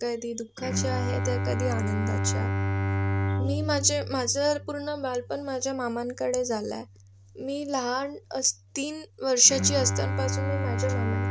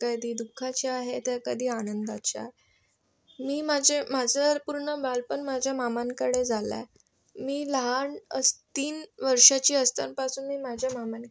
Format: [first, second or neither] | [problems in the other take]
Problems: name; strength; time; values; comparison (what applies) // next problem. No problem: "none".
second | background sound (Bowed string instrument); 1 dB below the speech